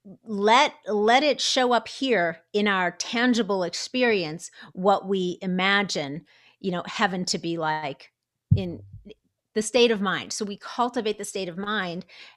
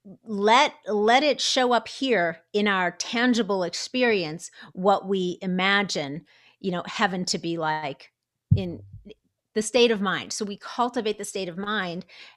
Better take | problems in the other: neither | none

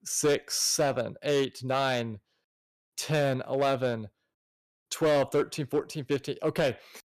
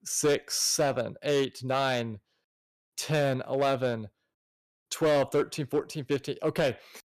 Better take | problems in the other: neither | distortion; slight; 5% of the sound clipped; the same in both

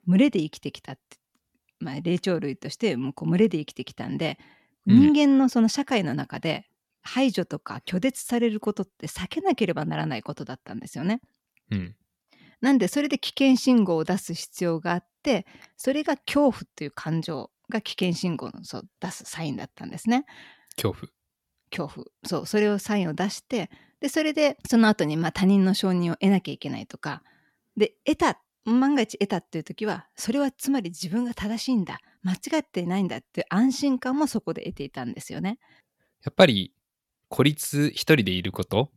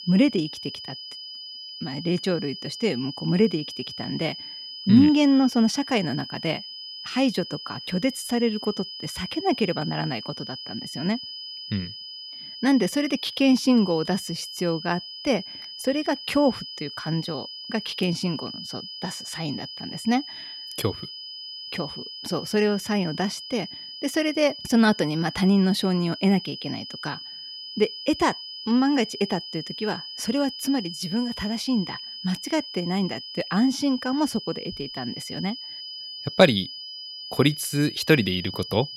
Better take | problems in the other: first | high-pitched whine; noticeable; throughout; 5 kHz, 10 dB below the speech

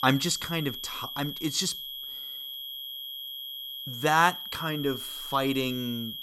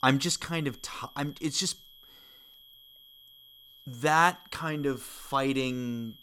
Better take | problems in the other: second | high-pitched whine; loud; throughout; 3.5 kHz, 7 dB below the speech; faint in the second

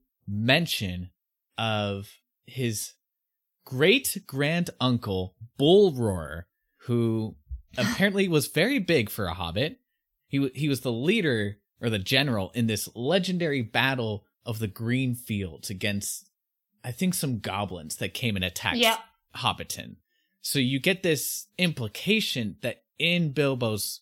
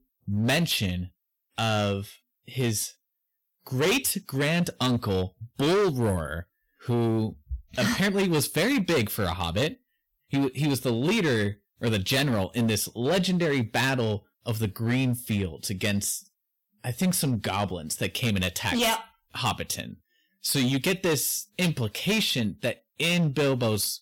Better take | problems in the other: first | distortion; heavy; 11% of the sound clipped

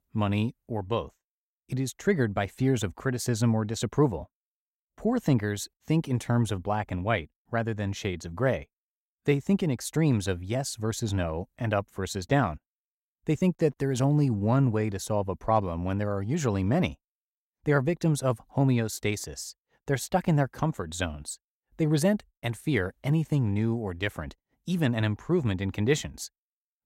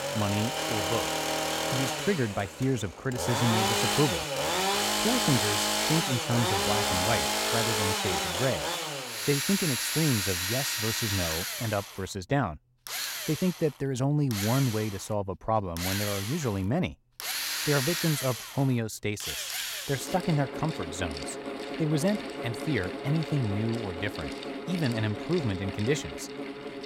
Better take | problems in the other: first | machinery noise; very loud; throughout; 1 dB above the speech

